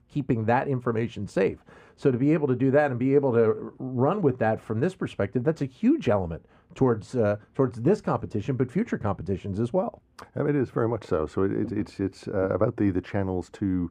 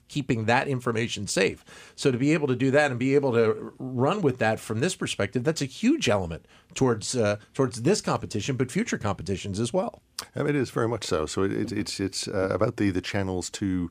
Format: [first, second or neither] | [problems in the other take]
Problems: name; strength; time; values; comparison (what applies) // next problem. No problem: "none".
second | muffled; very; fading above 2.5 kHz